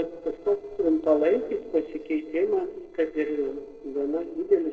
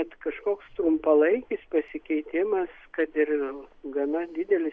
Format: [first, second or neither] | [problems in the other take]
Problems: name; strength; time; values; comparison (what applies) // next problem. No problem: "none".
second | noise reduction (neural separator model SepFormer DNS4)